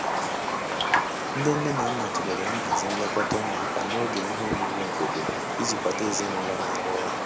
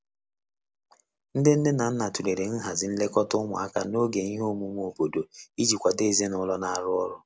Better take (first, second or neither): second